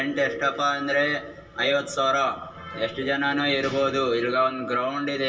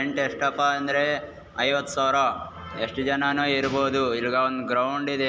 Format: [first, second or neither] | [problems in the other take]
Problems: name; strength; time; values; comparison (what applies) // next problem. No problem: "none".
second | room echo; dies away in 0.1 s